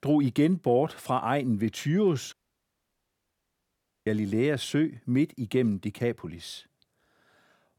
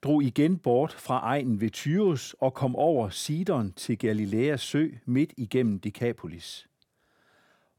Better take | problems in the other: second | audio cutting out; at 2.5 s for 1.5 s

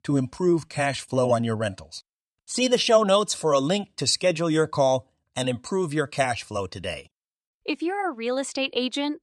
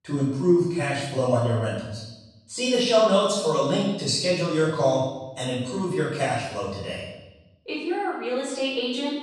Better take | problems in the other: first | off-mic speech; far // room echo; noticeable; dies away in 0.9 s

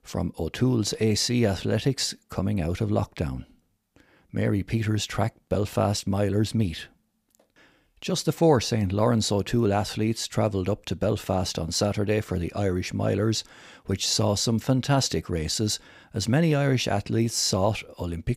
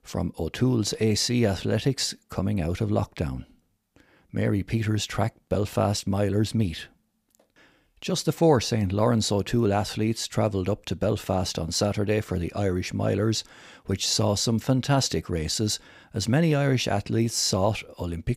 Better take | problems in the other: neither | none

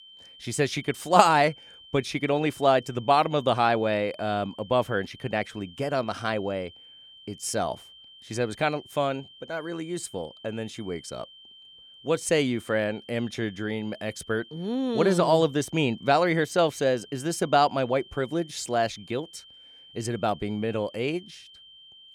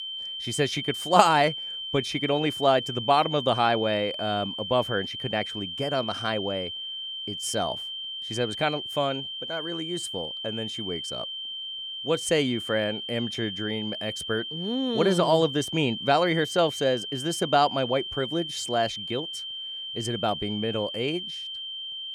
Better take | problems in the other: first | high-pitched whine; loud; throughout; 3 kHz, 6 dB below the speech; faint in the first

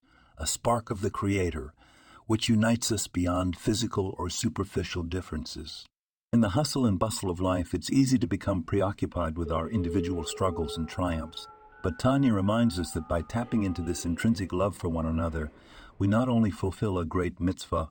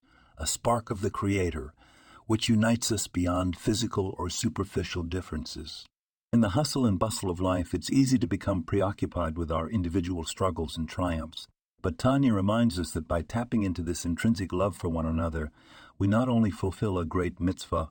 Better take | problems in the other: second | phone ringing; noticeable; from 9.5 to 17 s; peak 8 dB below the speech

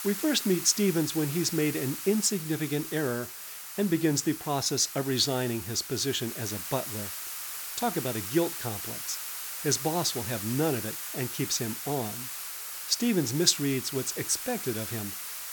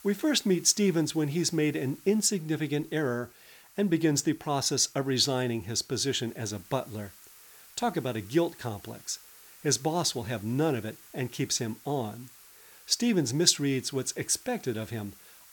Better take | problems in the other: second | hiss; loud; throughout; 6 dB below the speech; faint in the second

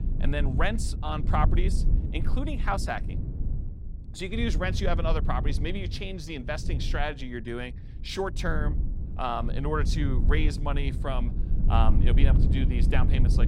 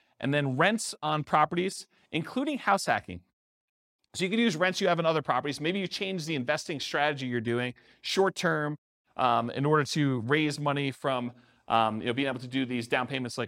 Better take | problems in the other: second | low rumble; noticeable; throughout; 10 dB below the speech

